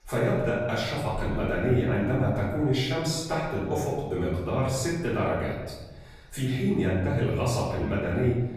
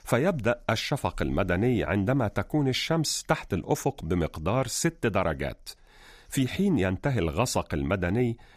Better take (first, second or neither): second